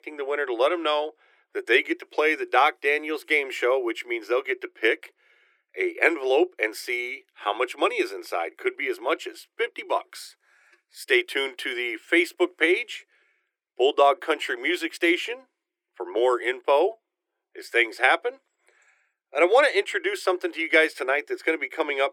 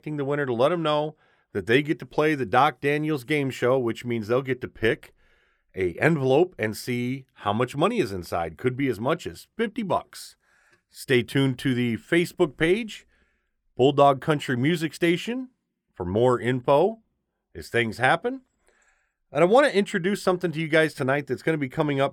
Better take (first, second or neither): second